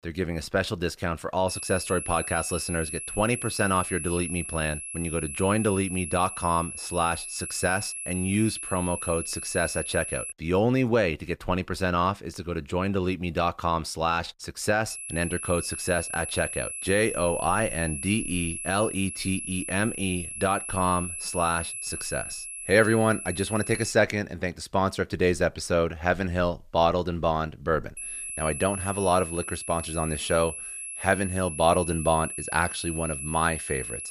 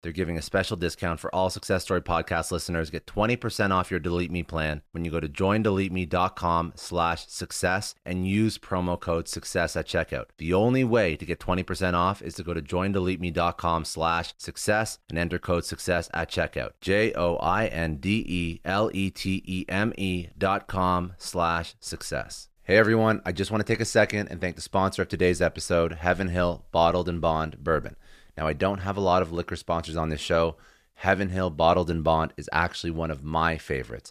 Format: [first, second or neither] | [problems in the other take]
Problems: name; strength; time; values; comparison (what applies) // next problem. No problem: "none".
second | high-pitched whine; loud; from 1.5 to 10 s, from 15 to 24 s and from 28 s on; 11 kHz, 6 dB below the speech